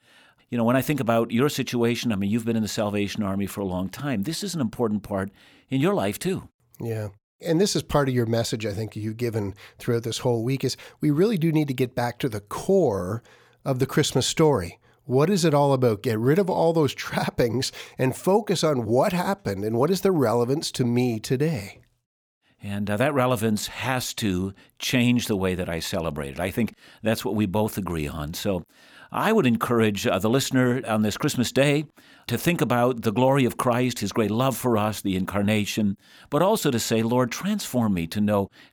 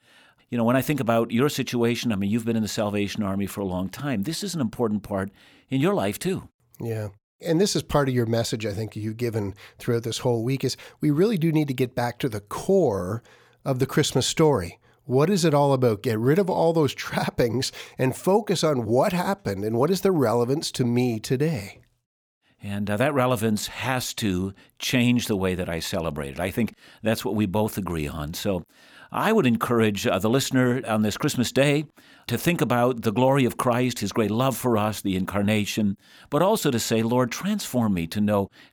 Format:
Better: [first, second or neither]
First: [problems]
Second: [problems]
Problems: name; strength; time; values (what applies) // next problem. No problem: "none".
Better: neither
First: none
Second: none